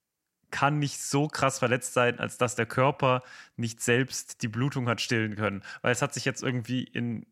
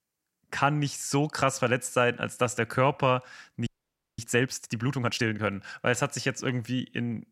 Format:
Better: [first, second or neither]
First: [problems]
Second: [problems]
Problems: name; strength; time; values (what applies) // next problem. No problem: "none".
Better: first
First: none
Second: audio freezing; at 3.5 s for 0.5 s